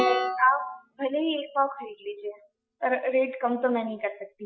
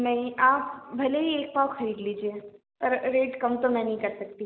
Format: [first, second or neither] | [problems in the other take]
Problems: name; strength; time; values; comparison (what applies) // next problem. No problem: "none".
second | noise reduction (classical method Wiener filter)